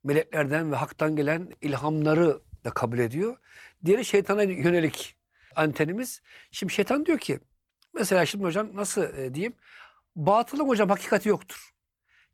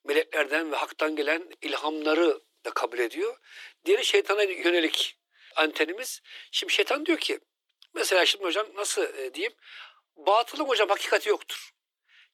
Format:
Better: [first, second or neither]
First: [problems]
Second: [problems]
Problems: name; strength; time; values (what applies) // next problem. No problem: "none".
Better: first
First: none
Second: thin; very; fading below 300 Hz